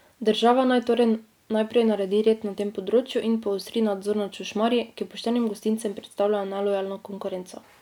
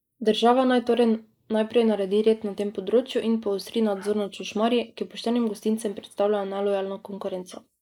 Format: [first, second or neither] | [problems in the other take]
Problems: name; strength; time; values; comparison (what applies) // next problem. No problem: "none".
first | noise reduction (neural mask model Resemble Enhance denoiser)